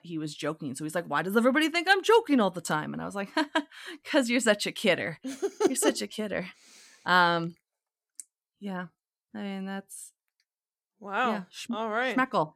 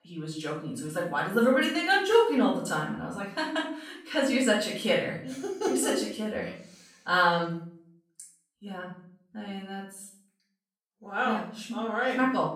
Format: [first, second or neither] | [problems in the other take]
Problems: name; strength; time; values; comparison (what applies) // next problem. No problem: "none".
first | off-mic speech; far // room echo; noticeable; dies away in 0.5 s